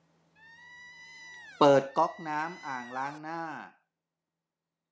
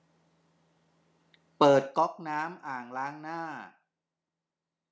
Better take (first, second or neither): second